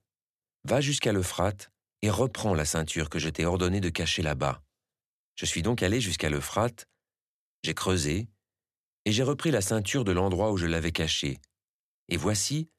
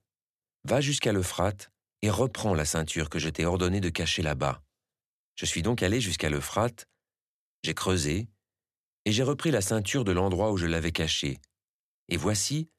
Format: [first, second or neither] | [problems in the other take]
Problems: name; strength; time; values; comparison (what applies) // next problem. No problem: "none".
neither | none